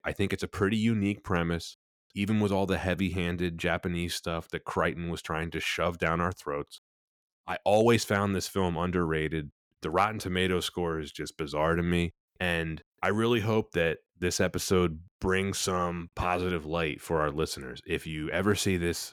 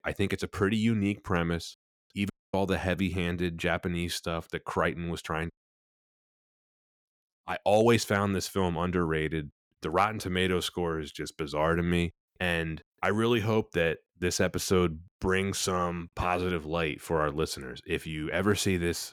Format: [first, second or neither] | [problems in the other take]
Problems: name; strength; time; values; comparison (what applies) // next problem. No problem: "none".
first | audio cutting out; at 2.5 s and at 5.5 s for 1.5 s